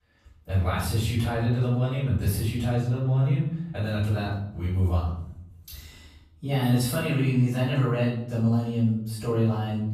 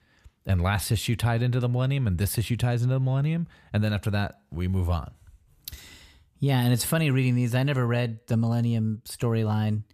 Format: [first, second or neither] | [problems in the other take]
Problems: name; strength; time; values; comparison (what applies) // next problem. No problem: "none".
second | off-mic speech; far // room echo; noticeable; dies away in 0.7 s